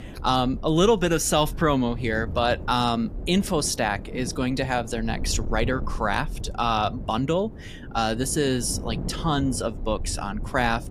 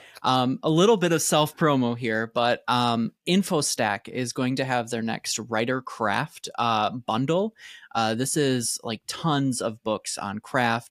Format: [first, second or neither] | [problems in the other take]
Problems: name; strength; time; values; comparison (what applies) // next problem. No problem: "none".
second | wind noise on the microphone; occasional gusts; 20 dB below the speech